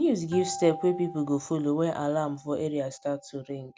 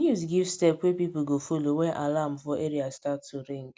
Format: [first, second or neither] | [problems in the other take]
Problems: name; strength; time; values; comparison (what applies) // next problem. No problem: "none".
second | background sound (Acoustic guitar); 16 dB below the speech